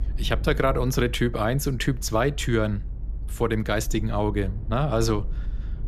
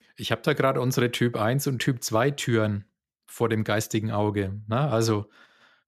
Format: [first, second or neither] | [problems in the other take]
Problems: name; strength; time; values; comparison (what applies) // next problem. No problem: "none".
second | low rumble; faint; throughout; 25 dB below the speech